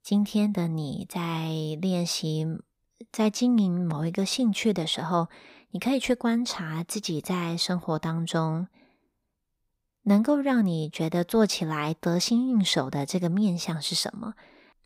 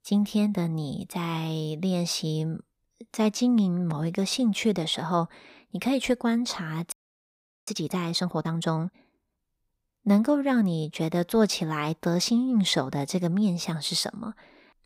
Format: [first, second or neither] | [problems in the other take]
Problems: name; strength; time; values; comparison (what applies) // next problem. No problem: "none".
first | audio freezing; at 7 s for 1 s